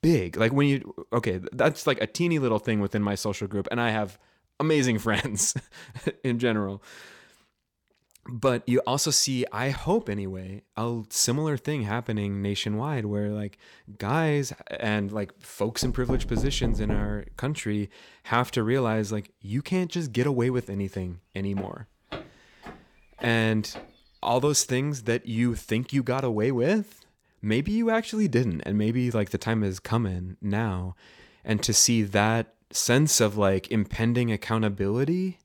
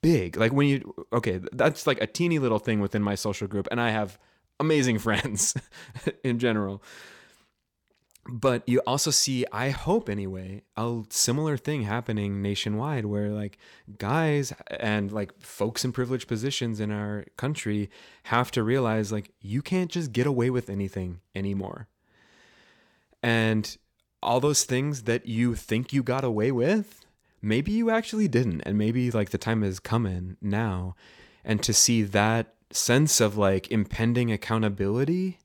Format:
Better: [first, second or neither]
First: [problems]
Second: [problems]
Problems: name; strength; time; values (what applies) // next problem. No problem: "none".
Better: second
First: door banging; noticeable; from 16 to 17 s; peak 5 dB below the speech // footsteps; faint; from 21 to 24 s; peak 15 dB below the speech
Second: none